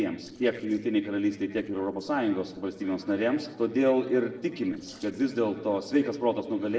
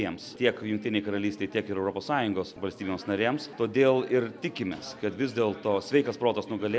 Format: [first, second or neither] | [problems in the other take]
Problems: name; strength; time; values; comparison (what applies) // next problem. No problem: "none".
second | noise reduction (neural separator model SepFormer DNS4)